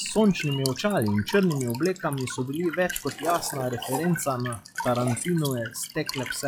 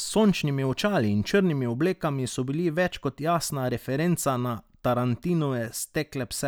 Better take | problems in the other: second | noise reduction (classical method log-MMSE)

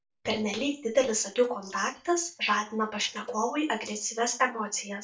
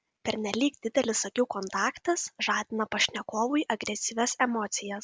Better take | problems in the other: second | noise reduction (neural mask model DeepFilterNet 3)

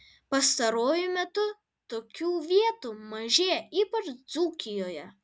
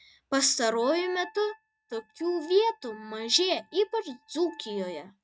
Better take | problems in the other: first | noise reduction (neural mask model RNNoise)

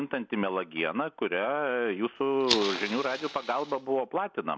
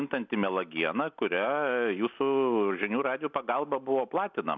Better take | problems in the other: second | background sound (Fire); 6 dB below the speech

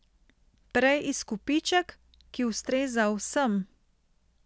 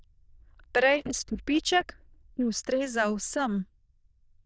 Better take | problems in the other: first | noise reduction (neural diffusion model UNIVERSE++)

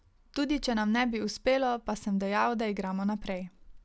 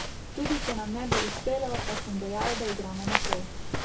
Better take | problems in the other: first | background sound (Walk, footsteps); as loud as the speech // room echo; dies away in 0.2 s

